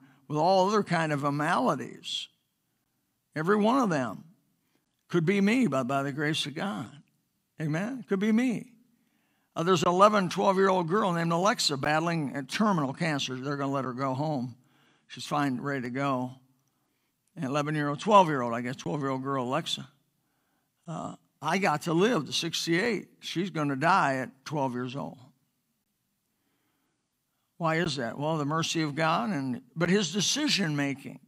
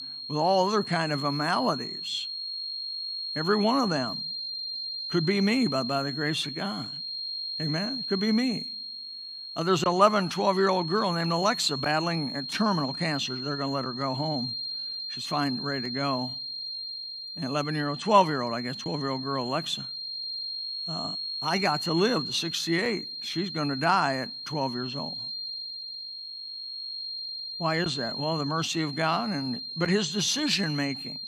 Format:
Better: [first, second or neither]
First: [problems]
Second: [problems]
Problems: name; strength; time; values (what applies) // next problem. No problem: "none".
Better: first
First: none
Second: high-pitched whine; loud; throughout; 4 kHz, 5 dB below the speech